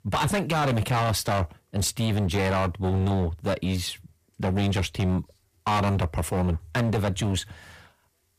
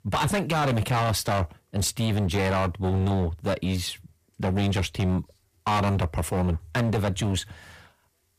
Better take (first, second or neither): neither